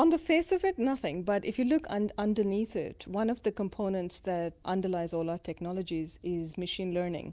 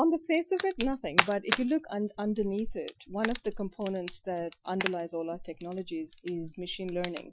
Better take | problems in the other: first | noise reduction (classical method Wiener filter)

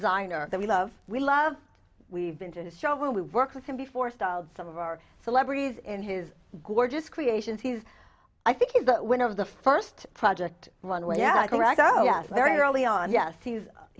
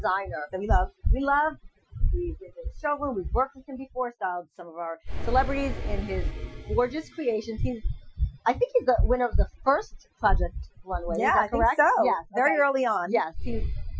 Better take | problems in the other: first | noise reduction (classical method Wiener filter)

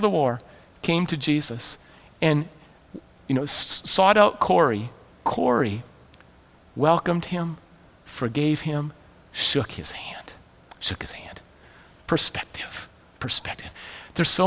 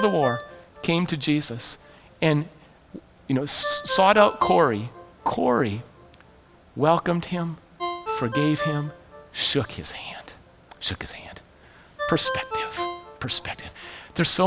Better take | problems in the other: first | background sound (Ringtone); 10 dB below the speech

